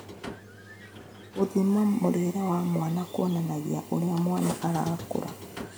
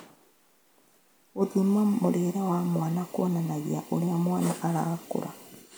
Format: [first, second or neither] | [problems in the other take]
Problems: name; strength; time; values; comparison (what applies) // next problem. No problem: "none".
second | background sound (Squeak); 16 dB below the speech